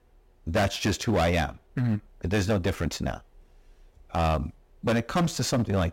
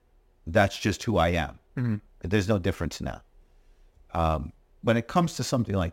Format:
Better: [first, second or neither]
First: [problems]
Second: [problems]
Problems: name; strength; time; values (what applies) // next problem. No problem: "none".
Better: second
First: distortion; heavy; 10% of the sound clipped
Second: none